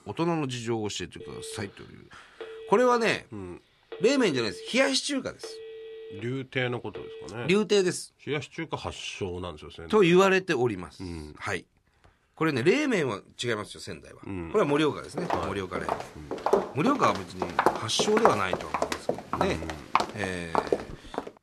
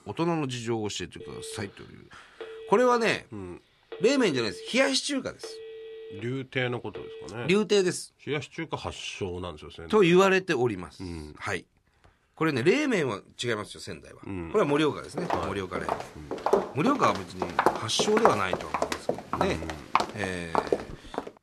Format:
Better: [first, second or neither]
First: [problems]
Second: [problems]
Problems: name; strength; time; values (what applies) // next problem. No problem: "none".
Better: neither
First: phone ringing; faint; from 1 to 7.5 s; peak 15 dB below the speech // footsteps; loud; from 15 s on; peak 2 dB above the speech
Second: phone ringing; faint; from 1 to 7.5 s; peak 15 dB below the speech // footsteps; loud; from 15 s on; peak 2 dB above the speech